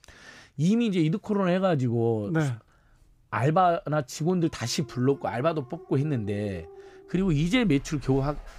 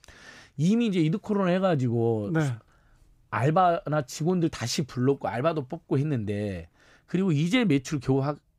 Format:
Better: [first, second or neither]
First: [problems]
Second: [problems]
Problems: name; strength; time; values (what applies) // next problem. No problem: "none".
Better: second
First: animal sounds; faint; from 4.5 s on; 20 dB below the speech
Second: none